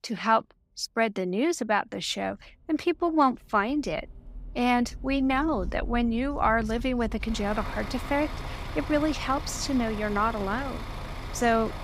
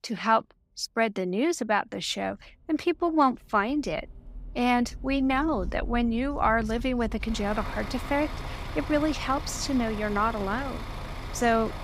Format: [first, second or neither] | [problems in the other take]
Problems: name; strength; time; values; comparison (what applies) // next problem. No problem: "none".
neither | traffic noise; noticeable; throughout; 10 dB below the speech; the same in both